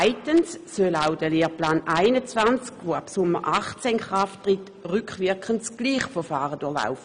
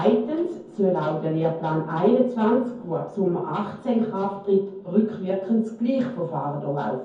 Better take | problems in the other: first | room echo; dies away in 0.6 s

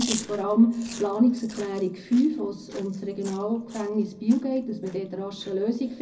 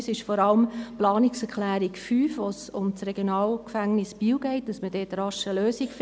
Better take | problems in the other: second | background sound (Chewing, mastication); 16 dB below the speech // room echo; dies away in 0.4 s

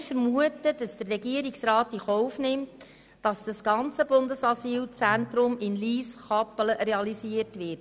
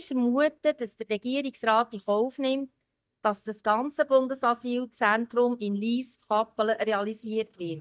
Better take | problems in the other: first | noise reduction (neural mask model DeepFilterNet 3)

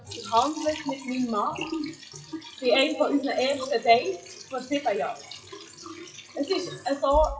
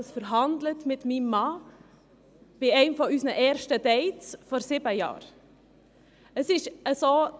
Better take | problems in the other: second | noise reduction (classical method WPE with log-MMSE)

